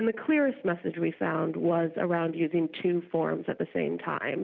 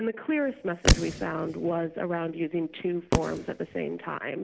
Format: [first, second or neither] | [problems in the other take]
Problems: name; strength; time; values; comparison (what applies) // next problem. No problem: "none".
first | background sound (Fireworks); as loud as the speech